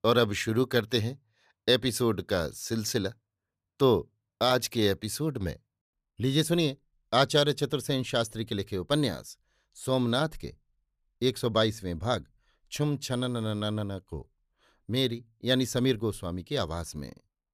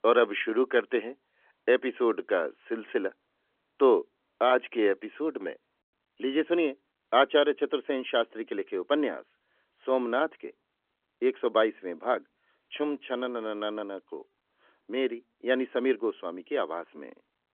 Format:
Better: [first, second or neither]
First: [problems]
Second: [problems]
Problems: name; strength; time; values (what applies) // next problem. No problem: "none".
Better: first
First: none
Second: phone-call audio; nothing above 3.5 kHz